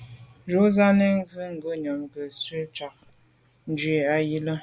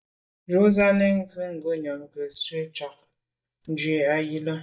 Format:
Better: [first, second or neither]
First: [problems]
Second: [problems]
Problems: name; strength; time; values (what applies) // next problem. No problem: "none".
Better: first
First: none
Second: noise reduction (neural mask model DeepFilterNet 3)